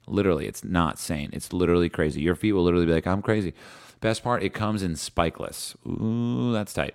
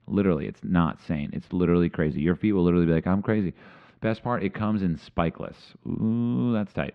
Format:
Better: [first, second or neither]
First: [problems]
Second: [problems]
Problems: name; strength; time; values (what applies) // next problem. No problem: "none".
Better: first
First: none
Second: muffled; slightly; fading above 3 kHz